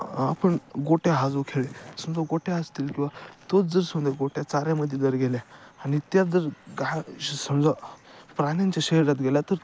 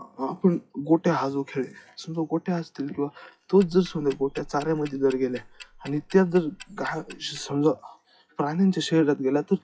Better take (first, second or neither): first